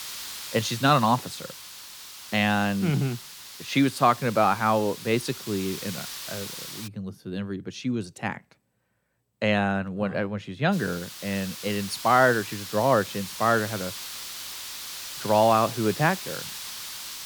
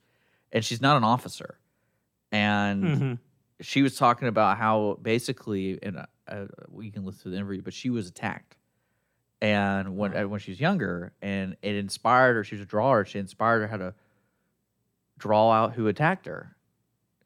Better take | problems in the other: second | hiss; noticeable; until 7 s and from 11 s on; 10 dB below the speech

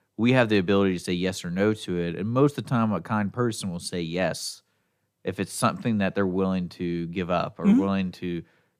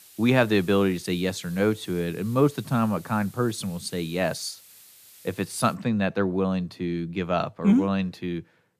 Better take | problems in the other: first | hiss; faint; until 5.5 s; 20 dB below the speech

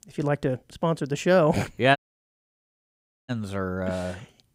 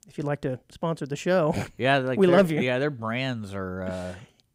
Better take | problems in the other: second | audio cutting out; at 2 s for 1.5 s

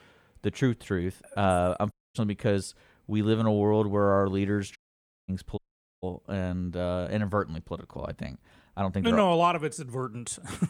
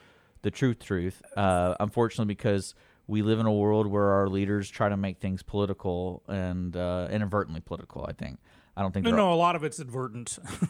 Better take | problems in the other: second | audio cutting out; at 2 s, at 5 s for 0.5 s and at 5.5 s

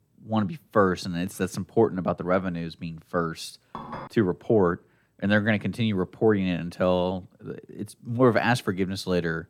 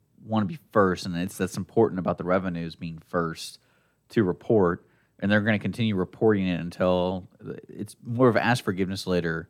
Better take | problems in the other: second | clattering dishes; faint; at 3.5 s; peak 10 dB below the speech

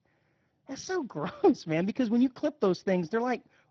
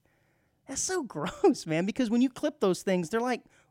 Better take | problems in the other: second | garbled, watery; badly

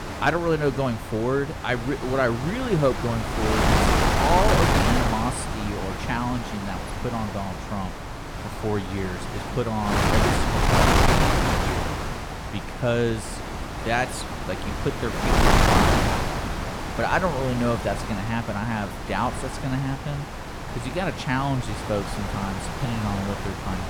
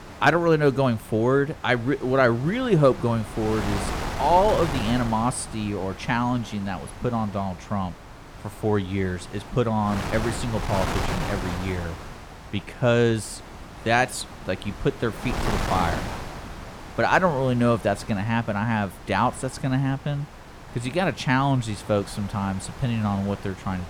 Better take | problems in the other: second | wind noise on the microphone; heavy; 1 dB above the speech; occasional gusts in the second

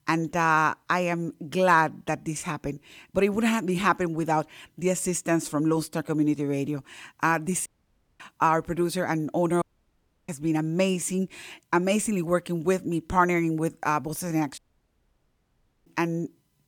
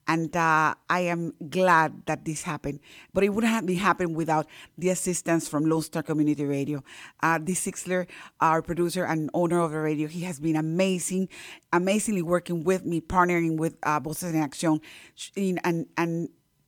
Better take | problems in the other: second | audio cutting out; at 7.5 s for 0.5 s, at 9.5 s for 0.5 s and at 15 s for 1.5 s

